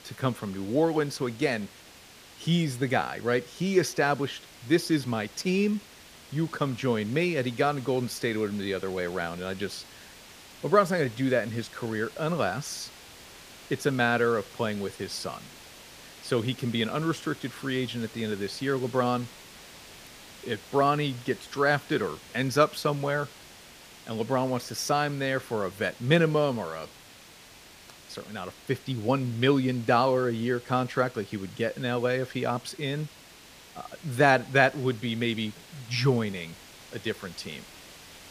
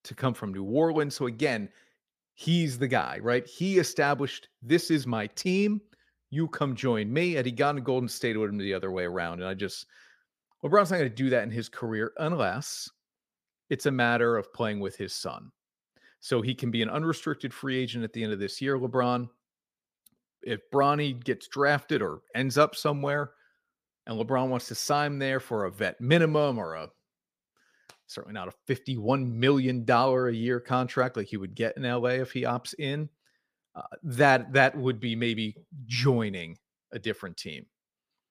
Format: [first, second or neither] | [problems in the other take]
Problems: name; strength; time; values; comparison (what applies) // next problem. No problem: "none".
second | hiss; noticeable; throughout; 20 dB below the speech